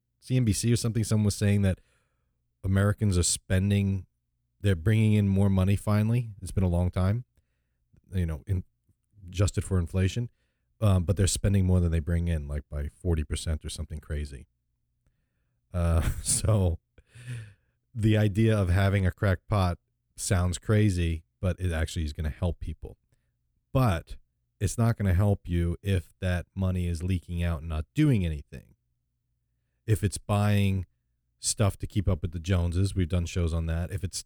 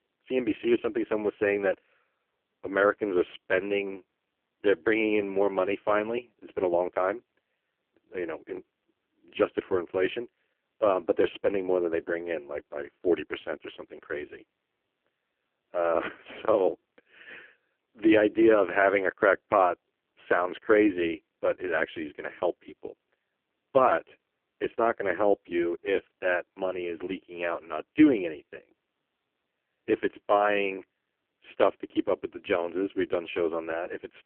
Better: first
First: none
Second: phone-call audio; poor line; nothing above 3 kHz

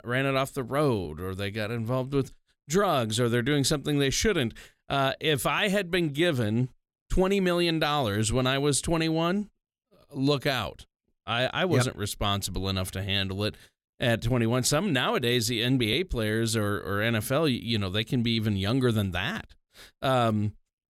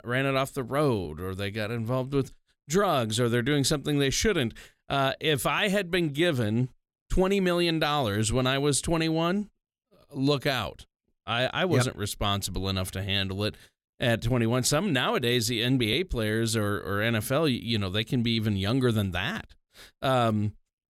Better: neither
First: none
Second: none

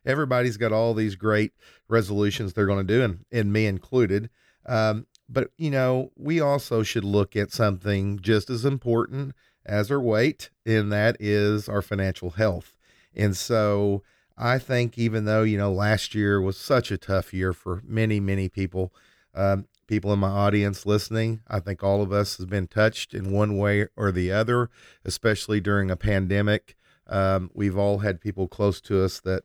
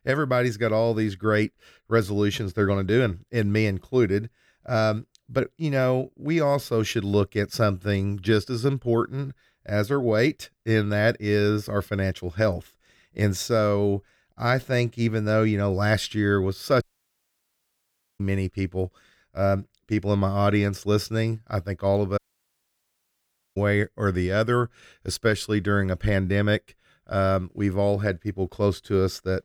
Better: first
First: none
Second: audio cutting out; at 17 s for 1.5 s and at 22 s for 1.5 s

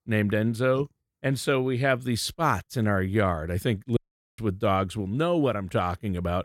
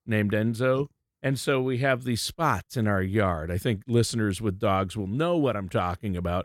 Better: second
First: audio cutting out; at 4 s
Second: none

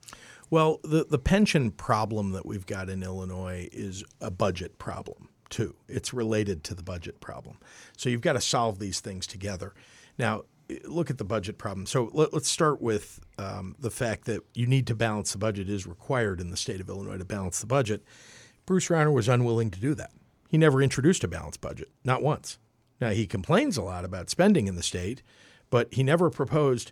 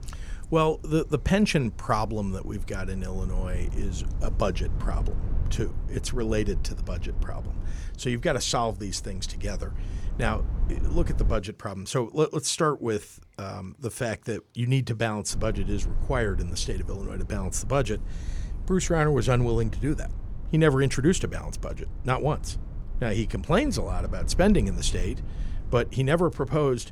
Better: first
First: none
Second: low rumble; faint; until 11 s and from 15 s on; 20 dB below the speech

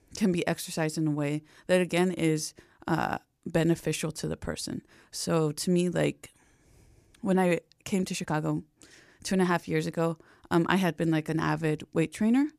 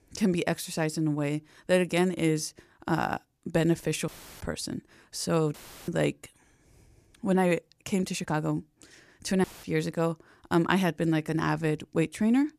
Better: first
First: none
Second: audio cutting out; filled with static; at 4 s, at 5.5 s and at 9.5 s

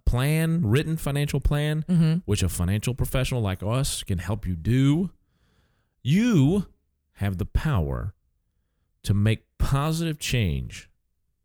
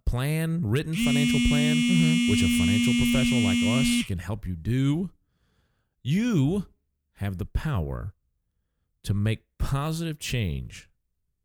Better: first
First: none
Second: phone ringing; loud; from 1 to 4 s; peak 6 dB above the speech

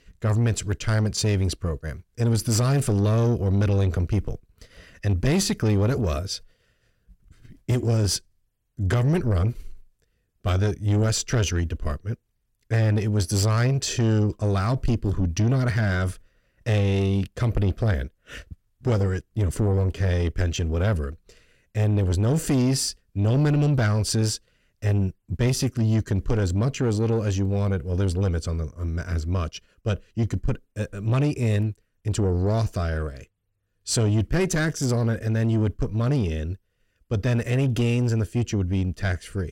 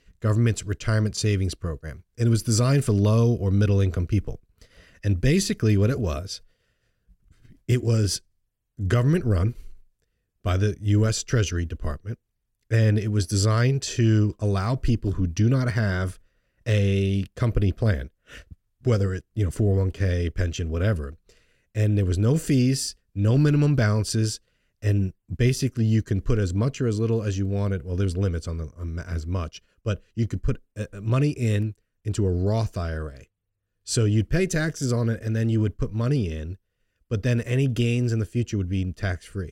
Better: second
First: distortion; slight; 10 dB below the speech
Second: none

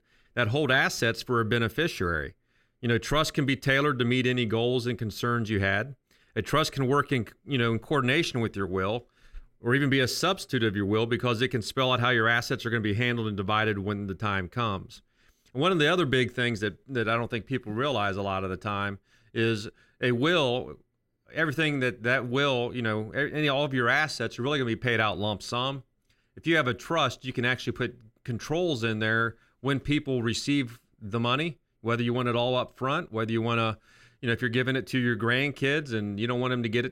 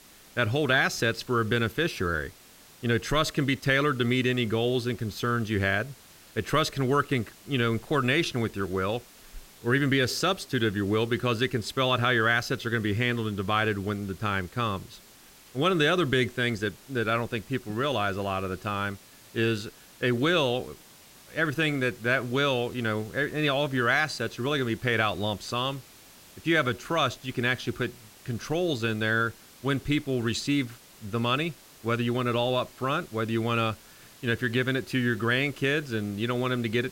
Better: first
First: none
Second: hiss; faint; throughout; 25 dB below the speech

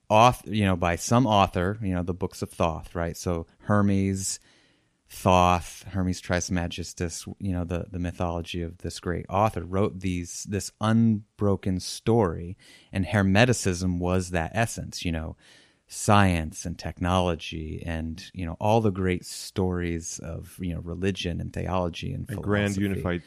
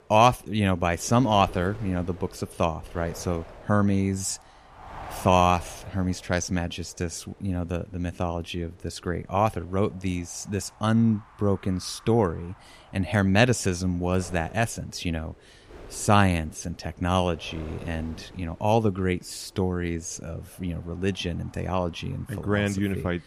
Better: first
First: none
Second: wind noise on the microphone; occasional gusts; 20 dB below the speech

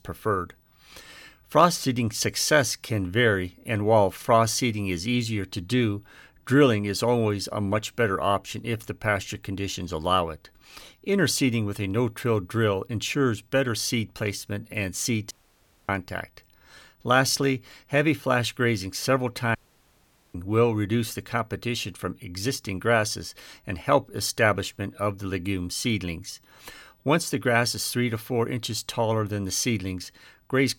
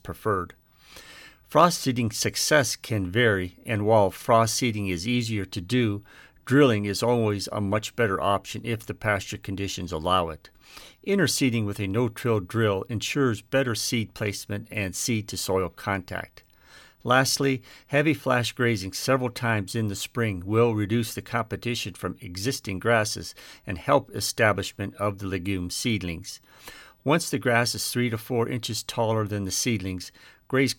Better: second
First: audio cutting out; at 15 s for 0.5 s and at 20 s for 1 s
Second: none

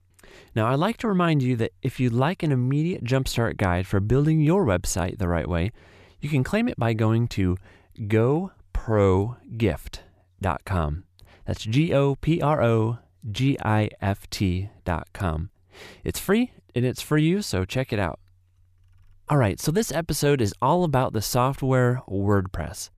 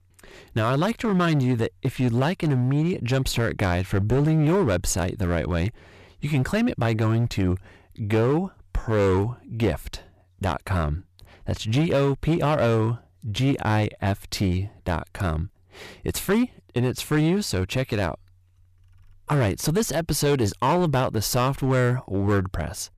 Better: first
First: none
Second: distortion; slight; 8% of the sound clipped

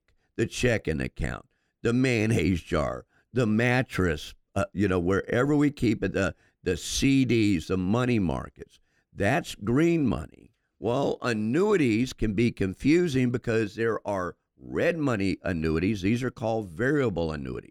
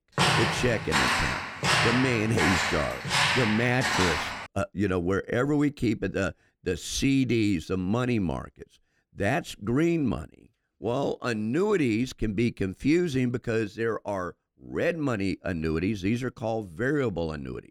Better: first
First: none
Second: footsteps; loud; until 4.5 s; peak 5 dB above the speech

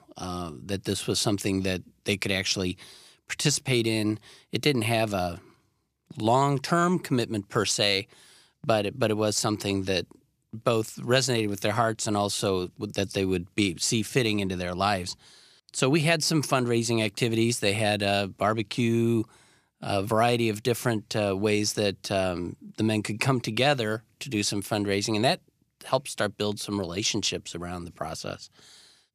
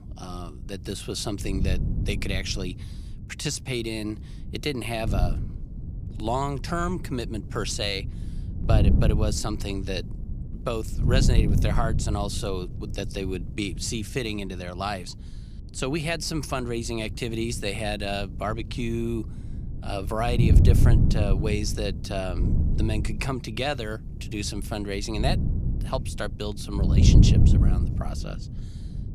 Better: first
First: none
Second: wind noise on the microphone; heavy; 8 dB below the speech

